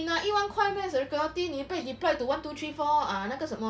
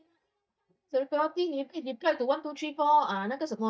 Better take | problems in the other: first | noise reduction (neural mask model DeepFilterNet 3)

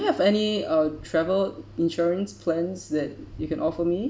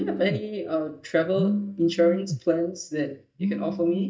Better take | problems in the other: first | noise reduction (neural mask model DeepFilterNet 3)

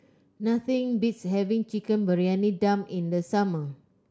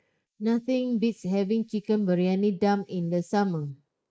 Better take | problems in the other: first | noise reduction (neural mask model Resemble Enhance denoiser)

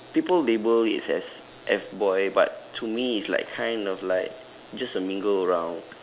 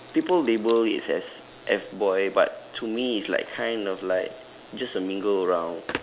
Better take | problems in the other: first | background sound (Telephone); 19 dB below the speech

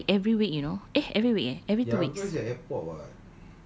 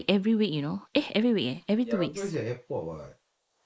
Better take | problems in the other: first | noise reduction (neural mask model Resemble Enhance denoiser)

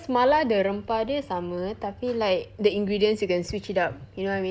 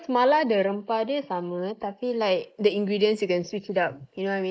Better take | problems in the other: first | noise reduction (neural mask model Resemble Enhance denoiser)

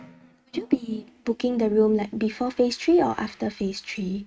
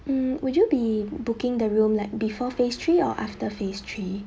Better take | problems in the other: second | noise reduction (neural mask model RNNoise)

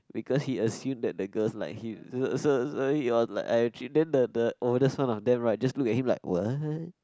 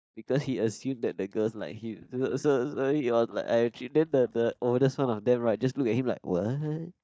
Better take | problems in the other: first | noise reduction (neural mask model DeepFilterNet 3)

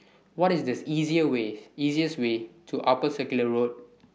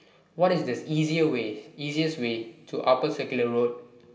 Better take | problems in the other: first | room echo; dies away in 1.7 s

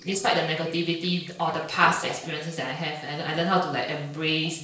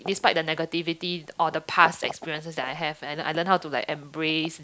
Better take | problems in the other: second | noise reduction (neural separator model SepFormer DNS4)

